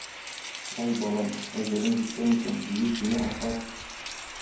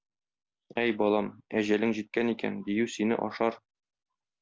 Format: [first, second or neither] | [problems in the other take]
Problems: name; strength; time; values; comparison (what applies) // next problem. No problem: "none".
second | background sound (Rain); 9 dB below the speech // room echo; dies away in 0.9 s